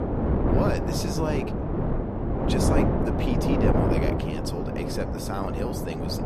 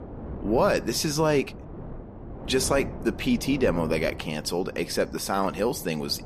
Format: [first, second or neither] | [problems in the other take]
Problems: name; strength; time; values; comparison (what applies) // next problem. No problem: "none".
second | wind noise on the microphone; heavy; 3 dB above the speech; occasional gusts in the second